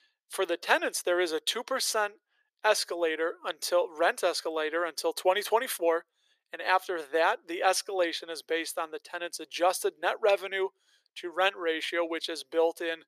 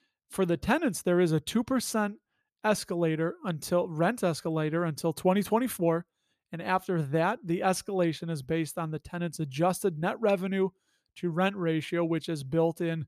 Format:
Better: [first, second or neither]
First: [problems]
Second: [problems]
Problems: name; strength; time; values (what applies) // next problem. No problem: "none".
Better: second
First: thin; very; fading below 400 Hz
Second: none